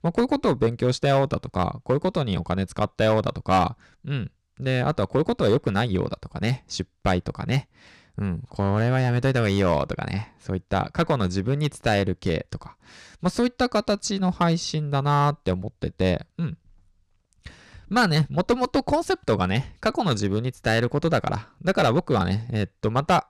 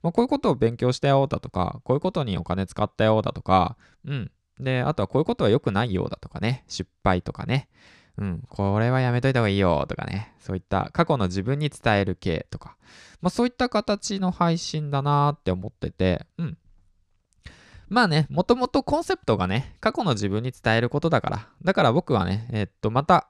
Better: second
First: distortion; slight; 3% of the sound clipped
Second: none

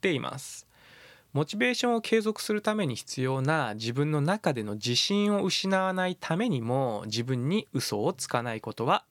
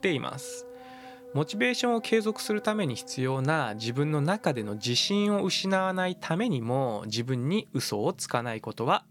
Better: first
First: none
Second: background music; faint; throughout; 20 dB below the speech

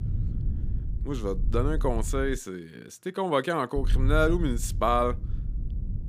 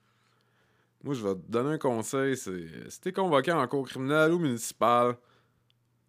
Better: second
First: low rumble; faint; until 2.5 s and from 4 s on; 20 dB below the speech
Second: none

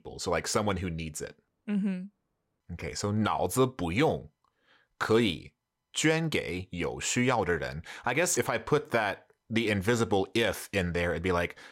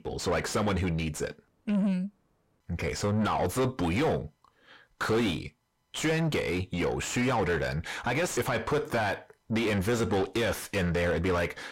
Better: first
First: none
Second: distortion; heavy; 6 dB below the speech

